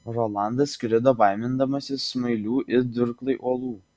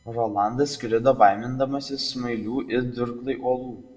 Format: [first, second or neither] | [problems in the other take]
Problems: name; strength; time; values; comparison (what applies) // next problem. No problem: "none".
first | room echo; dies away in 0.5 s